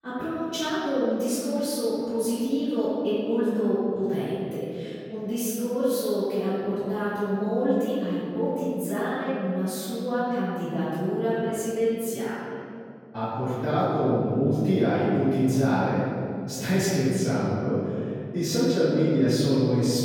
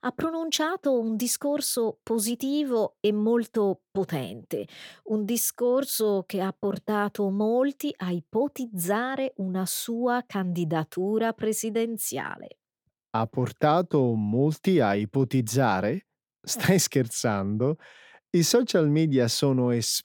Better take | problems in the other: second | off-mic speech; far // room echo; strong; dies away in 2.4 s

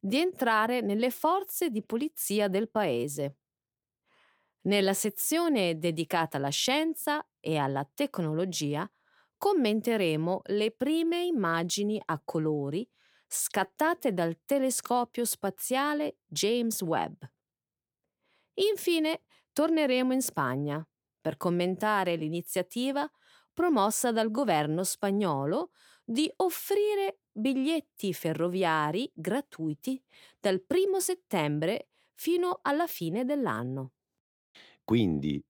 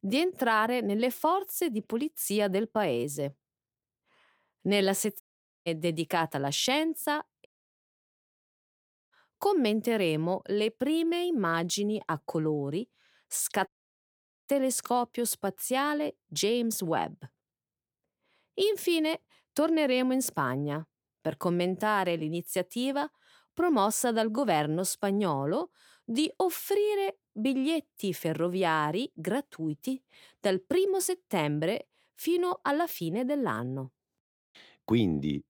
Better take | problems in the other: first | audio cutting out; at 5 s, at 7.5 s for 1.5 s and at 14 s for 1 s

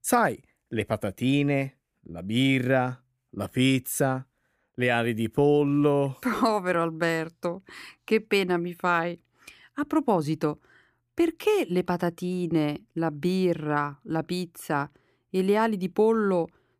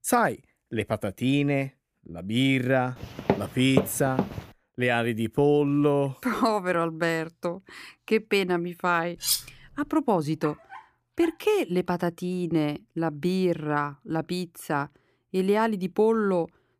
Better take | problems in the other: first | footsteps; noticeable; from 3 to 4.5 s; peak 2 dB below the speech // clattering dishes; loud; at 9 s; peak 1 dB above the speech // dog barking; faint; at 10 s; peak 15 dB below the speech

